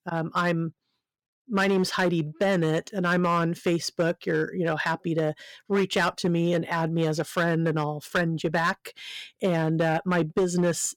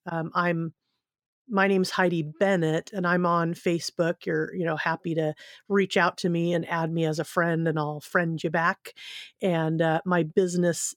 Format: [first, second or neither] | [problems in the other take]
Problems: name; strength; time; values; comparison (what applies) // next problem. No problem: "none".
second | distortion; slight; 7% of the sound clipped